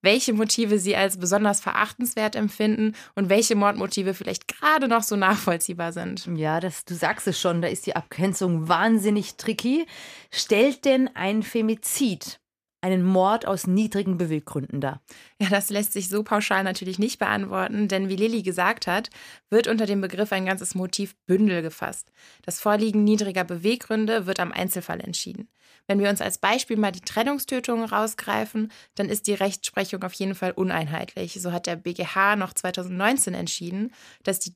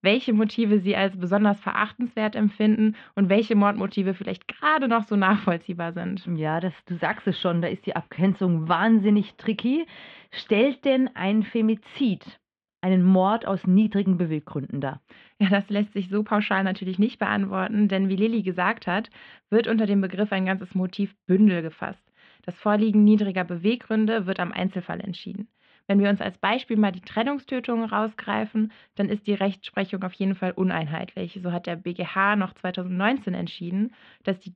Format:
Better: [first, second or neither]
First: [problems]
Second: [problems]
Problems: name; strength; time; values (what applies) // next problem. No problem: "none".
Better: first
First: none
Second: muffled; very; fading above 3.5 kHz